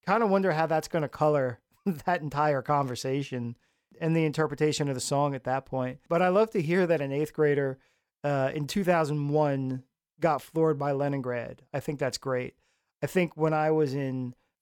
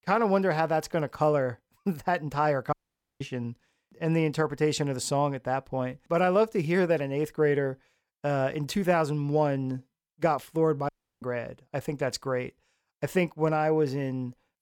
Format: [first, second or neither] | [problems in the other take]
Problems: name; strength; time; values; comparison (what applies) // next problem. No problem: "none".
first | audio cutting out; at 2.5 s and at 11 s